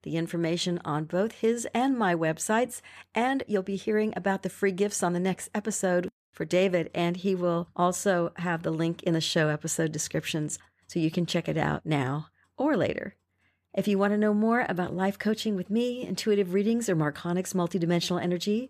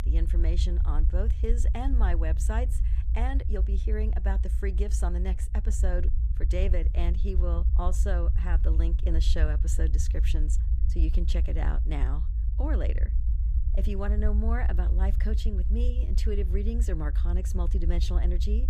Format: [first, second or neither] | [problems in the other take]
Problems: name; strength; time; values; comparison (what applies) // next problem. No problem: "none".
first | low rumble; loud; throughout; 9 dB below the speech